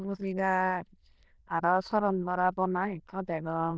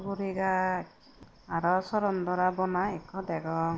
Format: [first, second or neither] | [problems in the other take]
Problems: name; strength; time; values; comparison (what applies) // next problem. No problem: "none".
second | noise reduction (neural diffusion model UNIVERSE++)